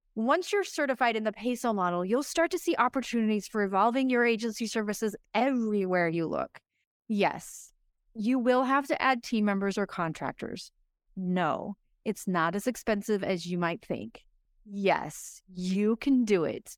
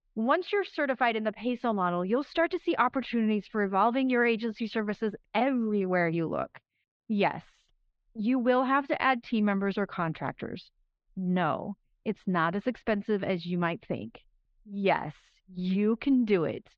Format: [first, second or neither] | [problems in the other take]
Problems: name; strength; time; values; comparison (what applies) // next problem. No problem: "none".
first | muffled; slightly; fading above 4 kHz